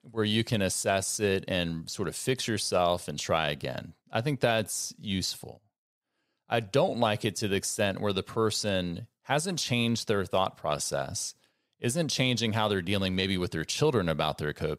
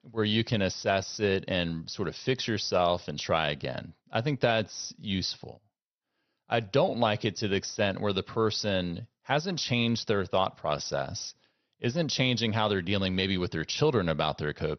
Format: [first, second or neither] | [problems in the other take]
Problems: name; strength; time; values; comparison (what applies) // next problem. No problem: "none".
first | garbled, watery; slightly; nothing above 6 kHz